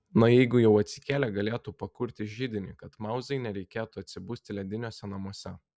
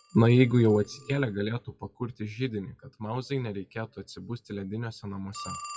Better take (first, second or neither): first